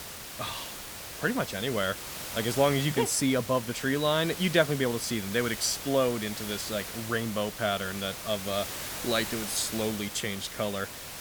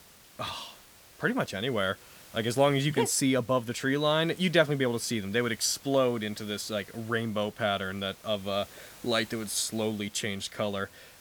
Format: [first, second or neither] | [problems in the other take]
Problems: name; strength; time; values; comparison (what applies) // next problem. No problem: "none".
second | hiss; loud; throughout; 8 dB below the speech; faint in the second